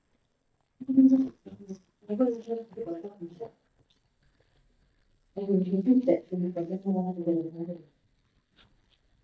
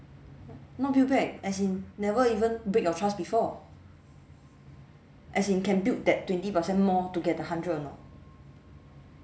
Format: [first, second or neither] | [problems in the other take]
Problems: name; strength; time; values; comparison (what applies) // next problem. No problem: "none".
second | noise reduction (neural mask model DeepFilterNet 3)